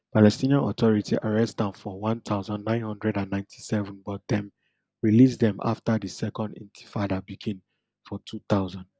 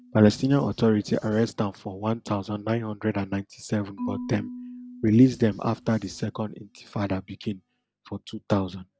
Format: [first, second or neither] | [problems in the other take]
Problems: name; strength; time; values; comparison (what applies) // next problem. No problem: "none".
first | background sound (Writing + Marimba, xylophone / Wood); 17 dB below the speech